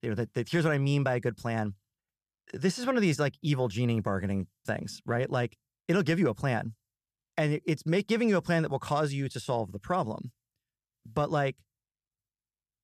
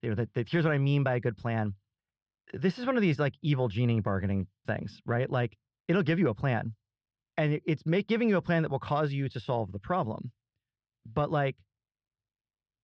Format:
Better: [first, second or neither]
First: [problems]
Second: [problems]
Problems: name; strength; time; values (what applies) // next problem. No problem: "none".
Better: first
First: none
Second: muffled; slightly; fading above 4 kHz